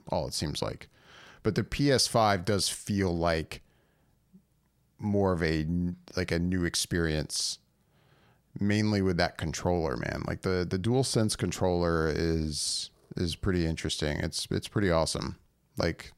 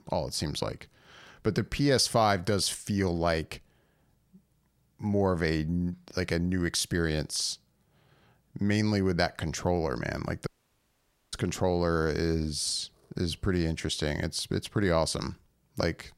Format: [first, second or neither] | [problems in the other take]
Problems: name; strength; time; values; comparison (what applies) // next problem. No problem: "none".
first | audio cutting out; at 10 s for 1 s